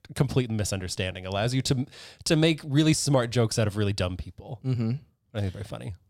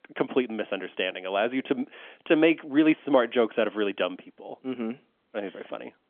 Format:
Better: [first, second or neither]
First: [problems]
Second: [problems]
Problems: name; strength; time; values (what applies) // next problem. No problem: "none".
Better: first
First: none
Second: phone-call audio; nothing above 3.5 kHz